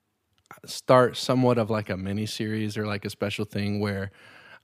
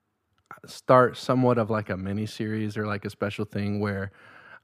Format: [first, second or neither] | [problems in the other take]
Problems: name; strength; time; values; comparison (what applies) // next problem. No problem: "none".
first | muffled; very slightly; fading above 2 kHz